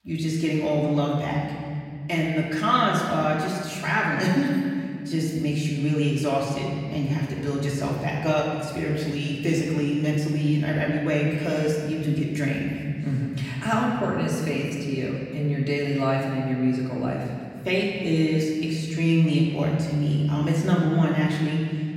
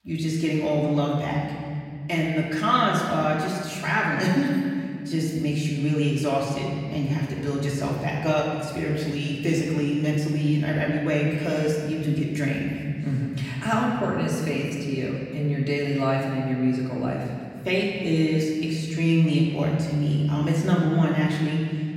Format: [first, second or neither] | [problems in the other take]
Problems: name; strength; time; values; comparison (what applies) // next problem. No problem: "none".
neither | room echo; noticeable; dies away in 2.3 s; the same in both // off-mic speech; far; the same in both